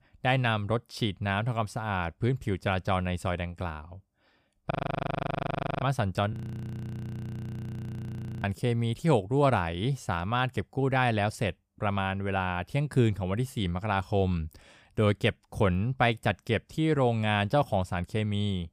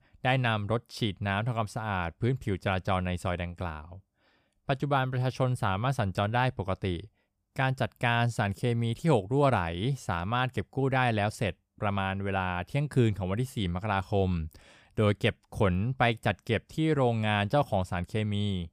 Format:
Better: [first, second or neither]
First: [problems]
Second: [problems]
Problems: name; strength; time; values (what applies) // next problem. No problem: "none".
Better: second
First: audio freezing; at 4.5 s for 1 s and at 6.5 s for 2 s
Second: none